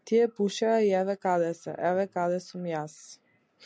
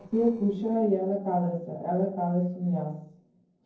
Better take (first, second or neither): first